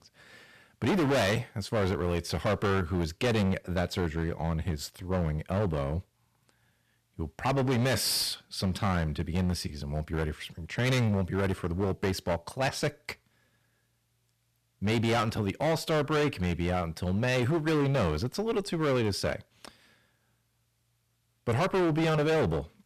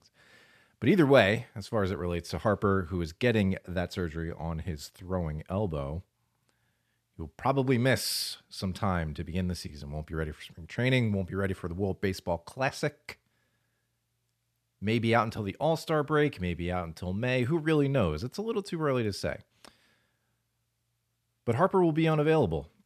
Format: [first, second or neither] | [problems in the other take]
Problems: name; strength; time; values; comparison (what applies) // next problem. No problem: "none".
second | distortion; heavy; 17% of the sound clipped